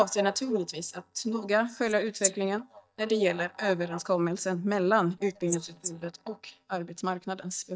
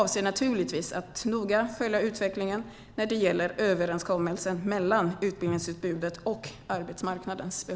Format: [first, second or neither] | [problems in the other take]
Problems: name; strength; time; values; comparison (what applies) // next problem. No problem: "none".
second | noise reduction (neural mask model DeepFilterNet 3)